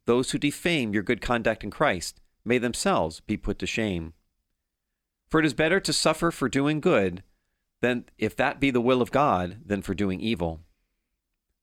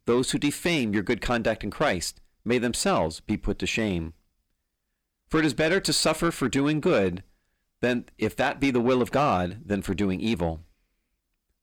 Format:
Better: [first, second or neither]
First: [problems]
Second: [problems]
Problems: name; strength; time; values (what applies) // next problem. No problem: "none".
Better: first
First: none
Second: distortion; slight; 10 dB below the speech